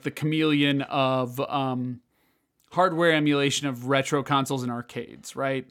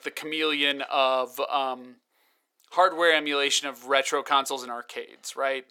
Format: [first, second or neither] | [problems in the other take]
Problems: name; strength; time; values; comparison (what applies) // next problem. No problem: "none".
first | thin; very; fading below 450 Hz